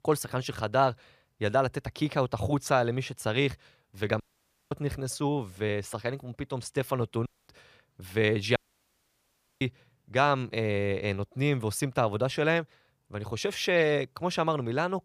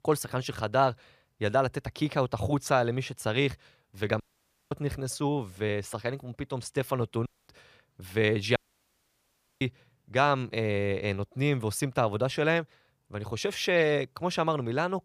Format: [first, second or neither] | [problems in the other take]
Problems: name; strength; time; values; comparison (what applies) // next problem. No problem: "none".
neither | audio cutting out; at 4 s for 0.5 s, at 7.5 s and at 8.5 s for 1 s; the same in both